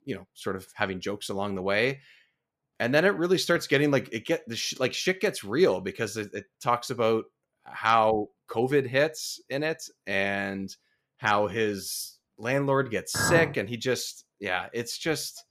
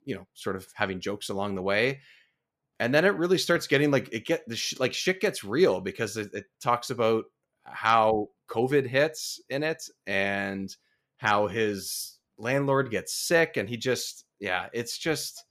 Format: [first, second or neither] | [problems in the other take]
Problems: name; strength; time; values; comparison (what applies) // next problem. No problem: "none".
second | clattering dishes; loud; at 13 s; peak level with the speech